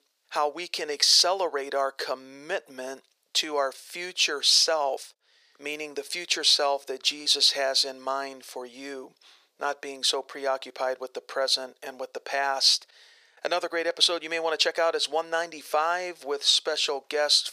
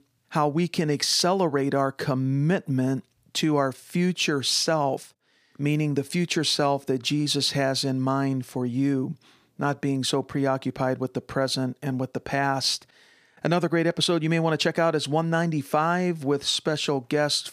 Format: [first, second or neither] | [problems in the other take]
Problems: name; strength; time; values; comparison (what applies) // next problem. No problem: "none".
second | thin; very; fading below 500 Hz